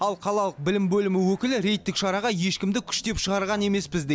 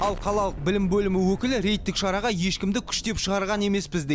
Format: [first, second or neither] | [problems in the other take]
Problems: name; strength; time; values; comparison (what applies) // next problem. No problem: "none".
first | background sound (Explosion); 13 dB below the speech